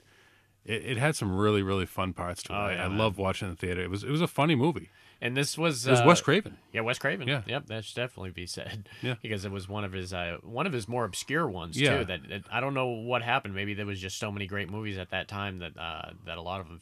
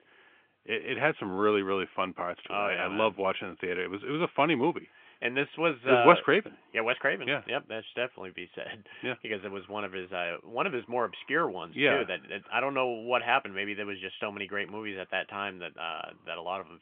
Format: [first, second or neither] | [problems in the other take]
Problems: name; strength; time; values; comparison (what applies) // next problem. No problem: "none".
first | phone-call audio; nothing above 3.5 kHz